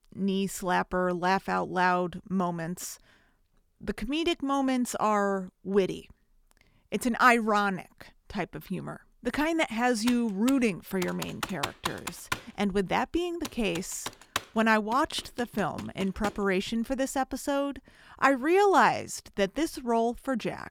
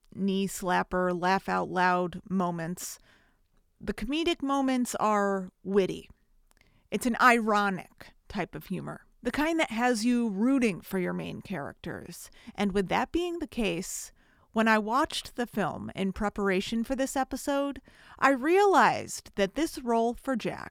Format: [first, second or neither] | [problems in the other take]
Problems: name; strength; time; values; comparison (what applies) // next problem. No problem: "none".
second | keyboard typing; noticeable; from 10 to 16 s; peak 5 dB below the speech